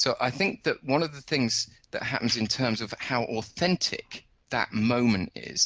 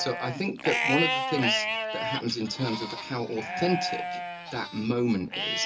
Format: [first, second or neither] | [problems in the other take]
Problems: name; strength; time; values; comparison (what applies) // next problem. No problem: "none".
first | background sound (Livestock, farm animals, working animals); 1 dB below the speech // room echo; dies away in 0.2 s